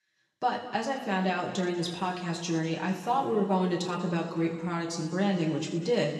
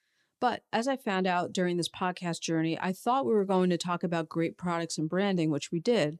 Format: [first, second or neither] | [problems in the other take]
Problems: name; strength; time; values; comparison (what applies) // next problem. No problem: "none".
second | room echo; noticeable; dies away in 2.2 s // off-mic speech; far